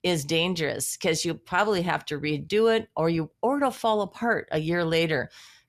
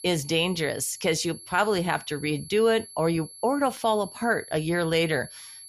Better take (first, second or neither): first